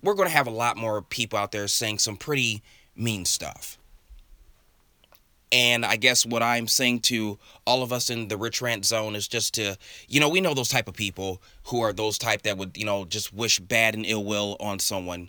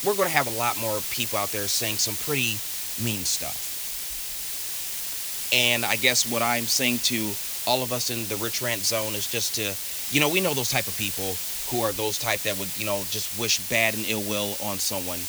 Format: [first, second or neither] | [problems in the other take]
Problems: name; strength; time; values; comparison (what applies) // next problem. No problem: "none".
first | hiss; loud; throughout; 3 dB below the speech